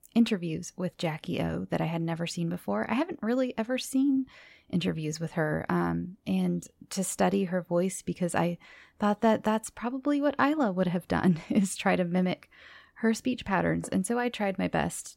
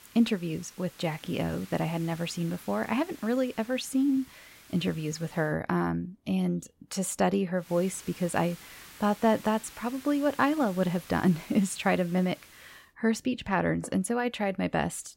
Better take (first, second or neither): first